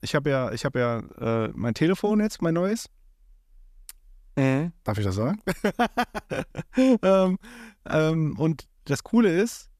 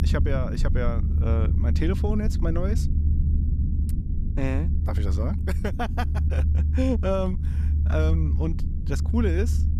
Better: first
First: none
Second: low rumble; loud; throughout; 9 dB below the speech

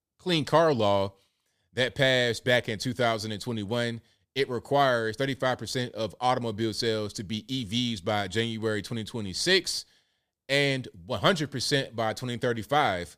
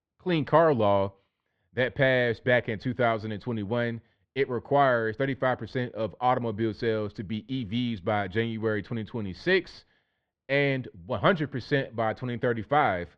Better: first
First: none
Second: muffled; very; fading above 2.5 kHz

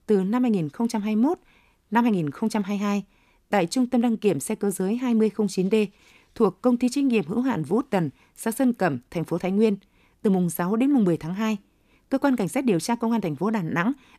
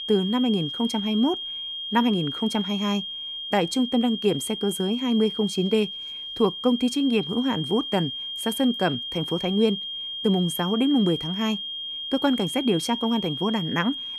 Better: first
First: none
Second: high-pitched whine; loud; throughout; 3 kHz, 6 dB below the speech

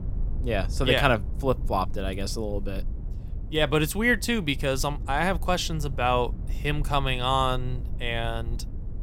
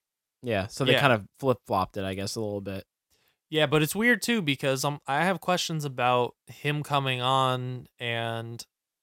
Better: second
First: low rumble; faint; throughout; 25 dB below the speech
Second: none

